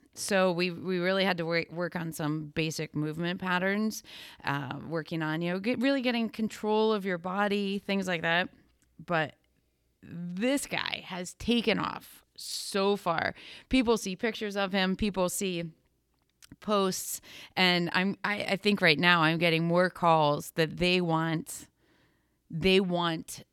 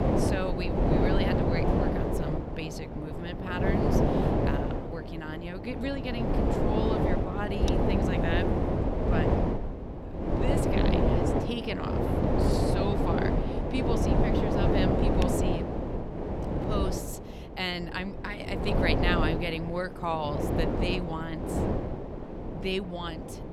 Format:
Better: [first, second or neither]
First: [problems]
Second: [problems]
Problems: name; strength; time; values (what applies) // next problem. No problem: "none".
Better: first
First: none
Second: wind noise on the microphone; heavy; 4 dB above the speech